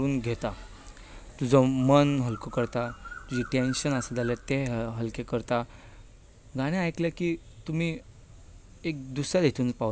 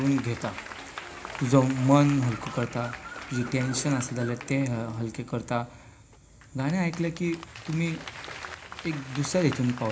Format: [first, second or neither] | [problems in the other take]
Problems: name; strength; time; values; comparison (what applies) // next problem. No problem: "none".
first | background sound (Applause / Crowd); 14 dB below the speech // room echo; dies away in 0.4 s